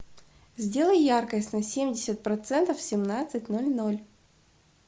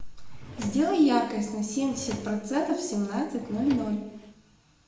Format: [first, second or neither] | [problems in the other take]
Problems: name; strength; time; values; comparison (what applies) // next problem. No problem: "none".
first | background sound (Drawer open or close); 17 dB below the speech // room echo; dies away in 0.8 s